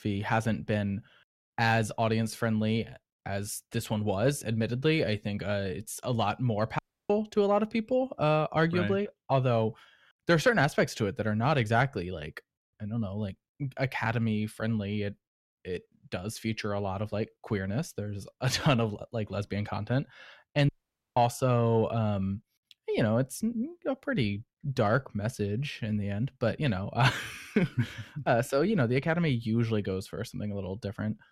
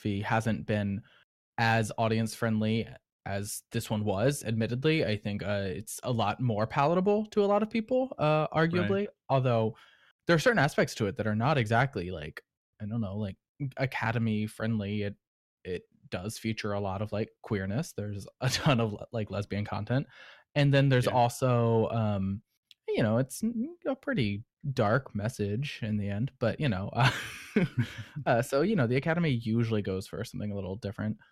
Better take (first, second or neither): second